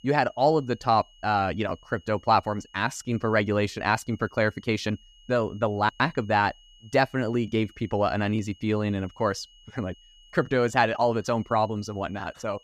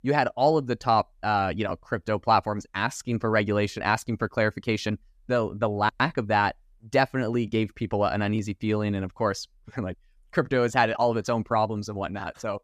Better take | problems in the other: second | high-pitched whine; faint; throughout; 3 kHz, 30 dB below the speech

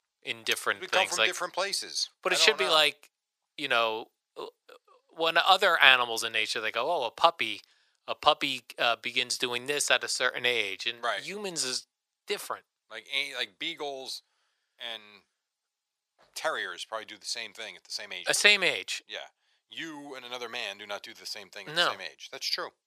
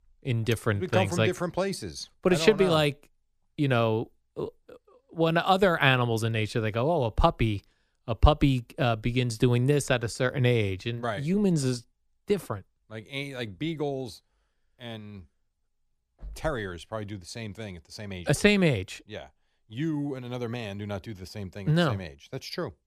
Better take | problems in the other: second | thin; very; fading below 800 Hz

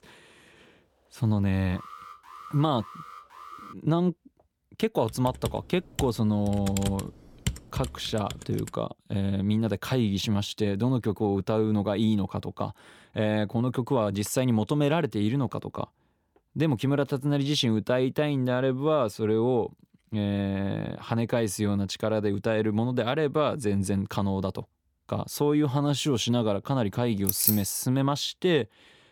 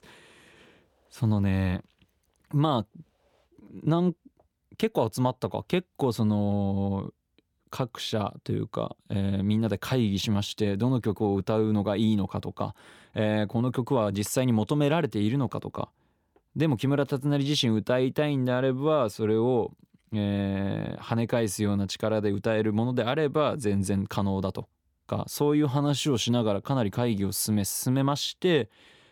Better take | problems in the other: second | alarm; faint; from 1.5 to 3.5 s; peak 15 dB below the speech // keyboard typing; noticeable; from 5 to 8.5 s; peak 6 dB below the speech // jangling keys; loud; at 27 s; peak 3 dB above the speech

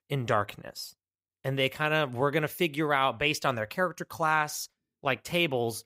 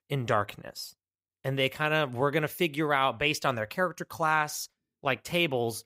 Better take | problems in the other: neither | none

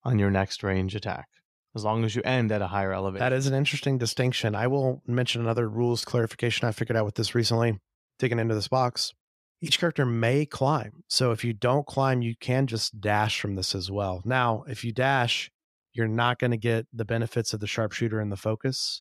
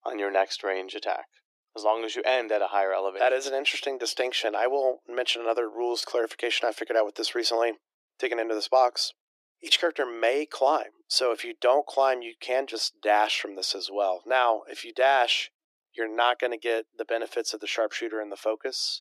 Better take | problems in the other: first | thin; very; fading below 300 Hz

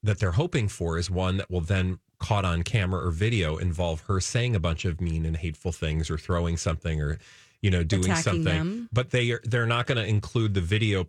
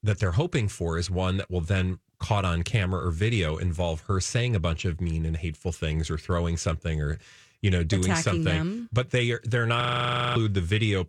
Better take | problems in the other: first | audio freezing; at 10 s for 0.5 s

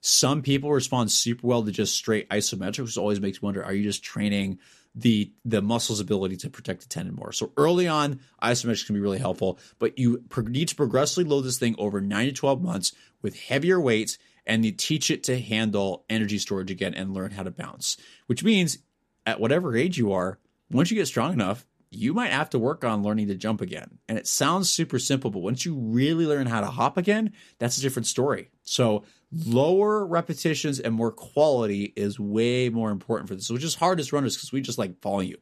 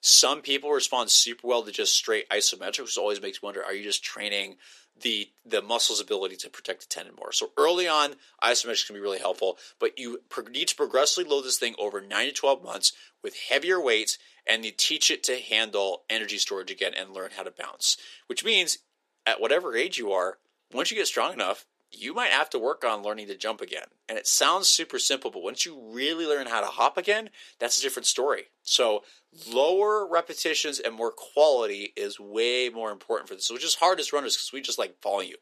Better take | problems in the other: first | thin; very; fading below 400 Hz

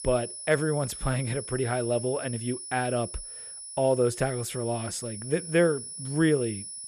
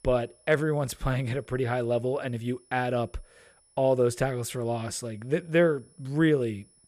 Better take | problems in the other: second | high-pitched whine; loud; throughout; 10 kHz, 9 dB below the speech; faint in the second

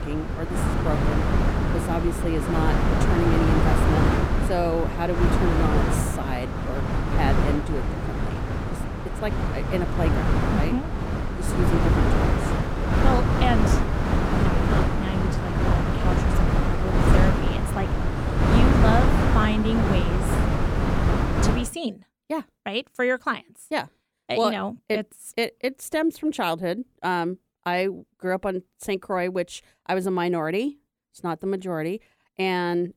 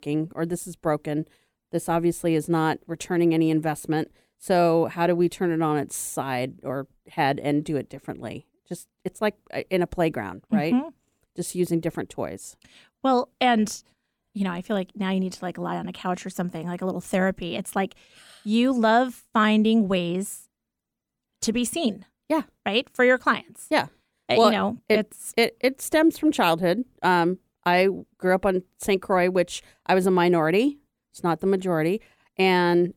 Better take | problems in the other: second | wind noise on the microphone; heavy; until 22 s; 1 dB above the speech

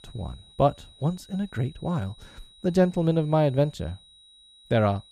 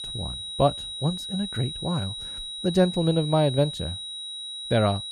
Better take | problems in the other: first | high-pitched whine; loud; throughout; 4 kHz, 7 dB below the speech; faint in the first

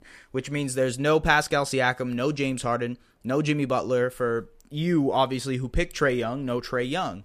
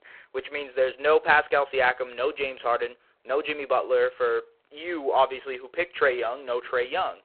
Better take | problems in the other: first | phone-call audio; poor line; nothing above 4 kHz

